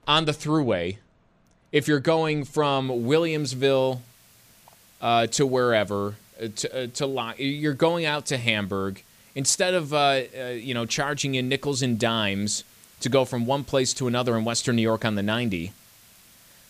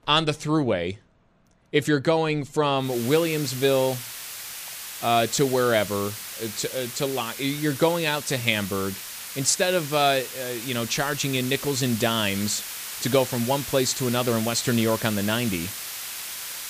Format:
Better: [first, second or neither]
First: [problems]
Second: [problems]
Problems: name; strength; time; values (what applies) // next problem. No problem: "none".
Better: first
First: hiss; faint; from 3 s on; 30 dB below the speech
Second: hiss; loud; from 3 s on; 9 dB below the speech